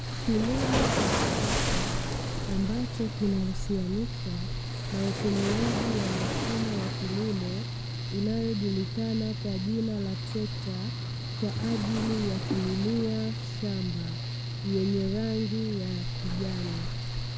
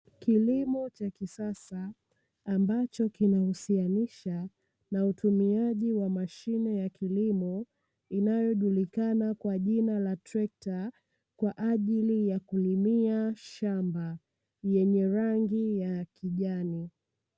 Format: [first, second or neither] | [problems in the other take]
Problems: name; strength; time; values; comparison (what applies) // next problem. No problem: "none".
second | background sound (Waves, surf + Mechanical fan); as loud as the speech